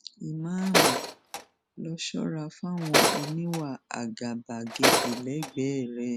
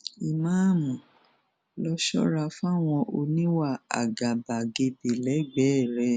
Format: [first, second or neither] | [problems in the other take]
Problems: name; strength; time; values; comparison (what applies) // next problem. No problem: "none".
second | background sound (Tools); 4 dB above the speech